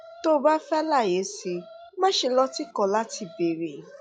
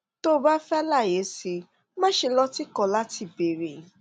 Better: second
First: noise reduction (classical method log-MMSE)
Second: none

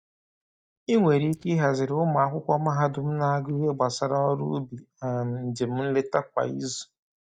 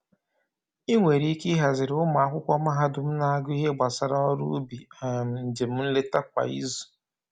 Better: second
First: noise reduction (neural mask model DeepFilterNet 3)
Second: none

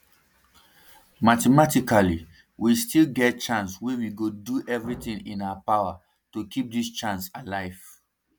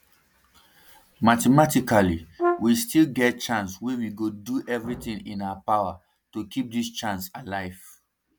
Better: first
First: none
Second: background sound (Brass instrument); 3 dB below the speech

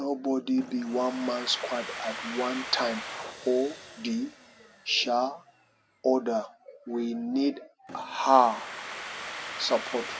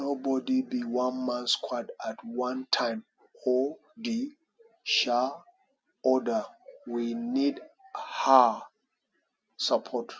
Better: second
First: background sound (Domestic sounds, home sounds); 12 dB below the speech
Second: none

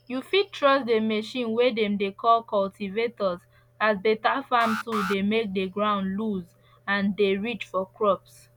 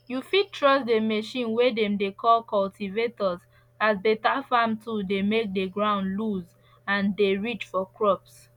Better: second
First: background sound (Alarm); 9 dB below the speech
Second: none

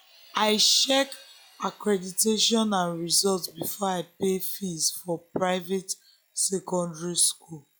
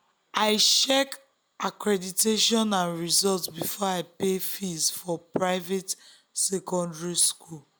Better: second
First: noise reduction (classical method log-MMSE)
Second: none

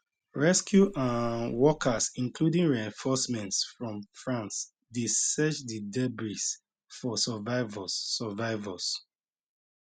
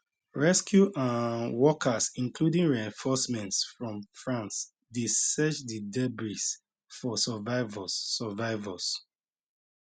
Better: second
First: background sound (Water / Splash, splatter); 15 dB below the speech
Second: none

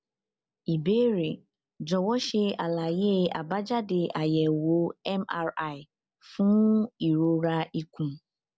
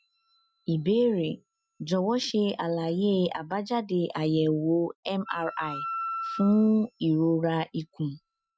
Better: first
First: none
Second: noise reduction (classical method Wiener filter)

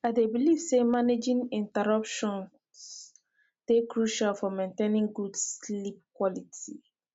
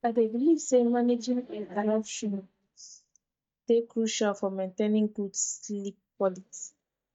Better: first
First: none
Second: noise reduction (neural mask model DeepFilterNet 3)

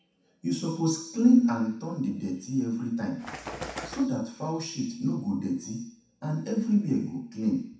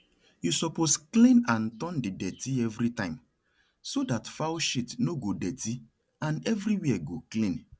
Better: second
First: background sound (Bird); 10 dB below the speech // room echo; dies away in 0.7 s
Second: none

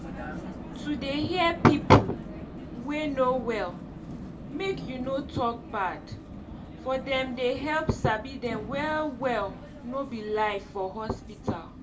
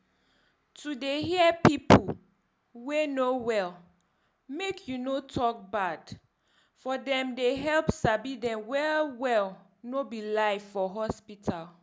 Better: second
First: background sound (Vehicle); 11 dB below the speech // room echo; dies away in 0.2 s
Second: none

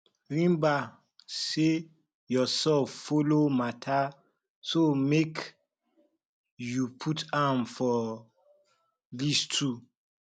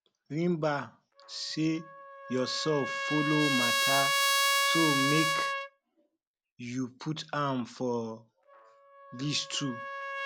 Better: first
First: none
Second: background sound (Trumpet); as loud as the speech

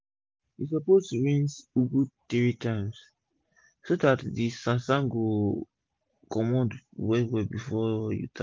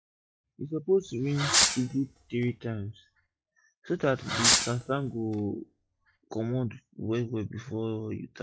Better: first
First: none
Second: noise reduction (classical method log-MMSE)

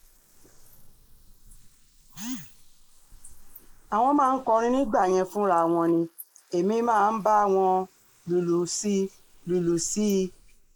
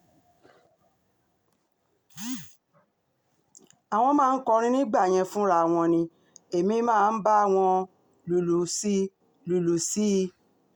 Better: second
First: noise reduction (neural mask model Resemble Enhance denoiser)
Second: none

